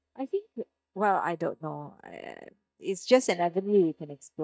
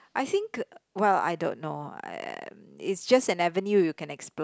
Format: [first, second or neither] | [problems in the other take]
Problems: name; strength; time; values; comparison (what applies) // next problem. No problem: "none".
second | noise reduction (neural mask model DeepFilterNet 3)